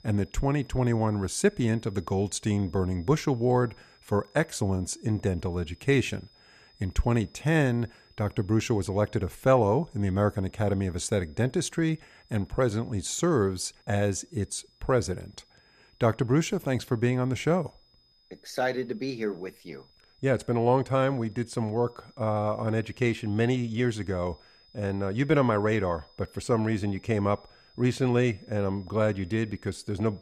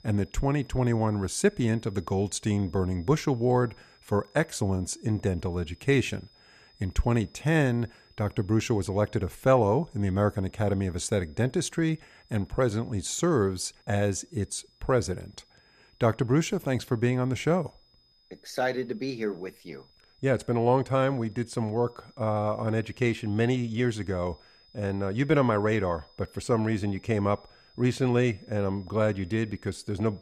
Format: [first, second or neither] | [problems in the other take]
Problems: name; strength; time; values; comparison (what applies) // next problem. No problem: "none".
neither | high-pitched whine; faint; throughout; 5 kHz, 30 dB below the speech; the same in both